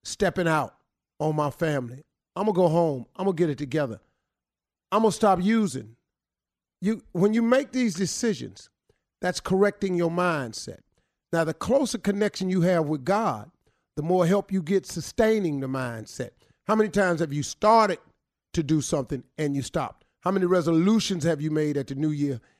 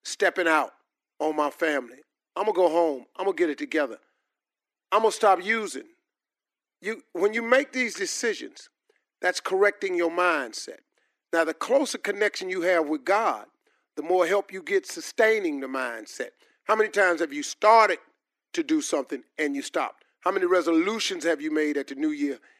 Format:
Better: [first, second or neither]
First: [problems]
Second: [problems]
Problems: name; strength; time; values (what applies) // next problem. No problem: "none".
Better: first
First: none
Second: thin; somewhat; fading below 300 Hz